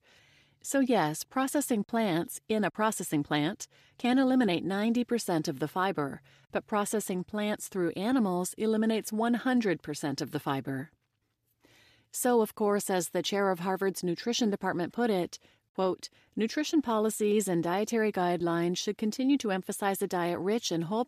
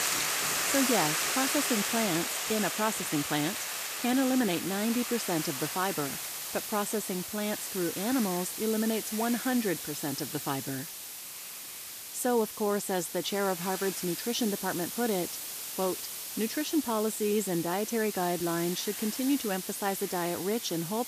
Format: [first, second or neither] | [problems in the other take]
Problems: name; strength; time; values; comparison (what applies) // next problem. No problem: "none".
first | hiss; loud; throughout; 2 dB below the speech